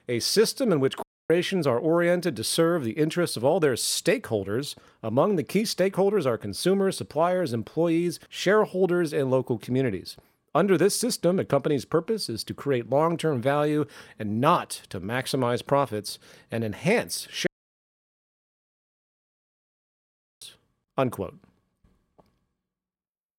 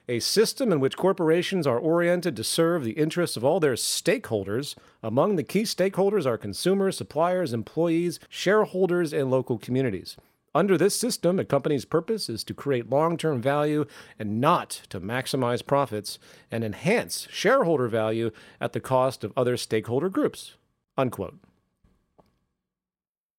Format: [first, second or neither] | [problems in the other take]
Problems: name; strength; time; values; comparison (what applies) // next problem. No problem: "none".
second | audio cutting out; at 1 s and at 17 s for 3 s